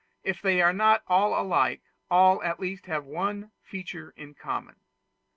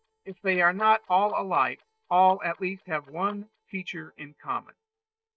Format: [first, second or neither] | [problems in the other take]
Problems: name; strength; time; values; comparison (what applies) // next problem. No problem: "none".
first | noise reduction (neural mask model DeepFilterNet 3)